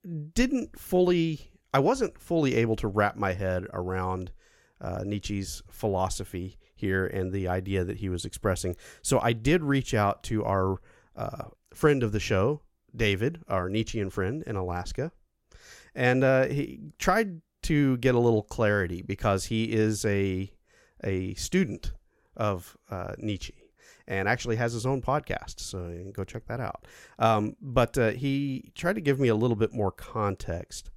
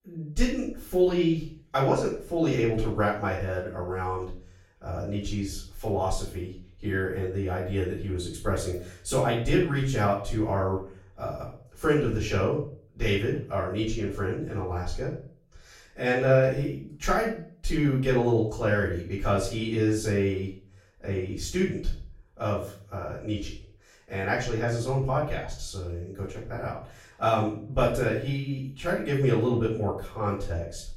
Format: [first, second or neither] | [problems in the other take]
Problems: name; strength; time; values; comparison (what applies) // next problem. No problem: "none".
first | off-mic speech; far // room echo; noticeable; dies away in 0.4 s